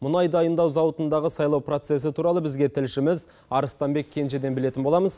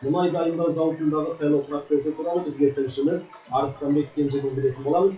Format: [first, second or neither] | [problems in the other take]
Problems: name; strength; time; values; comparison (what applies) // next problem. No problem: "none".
first | noise reduction (classical method WPE with log-MMSE)